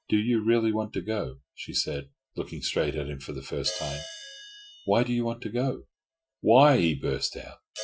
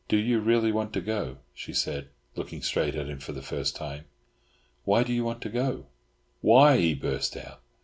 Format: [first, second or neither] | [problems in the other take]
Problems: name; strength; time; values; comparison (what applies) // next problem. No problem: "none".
second | noise reduction (classical method Wiener filter)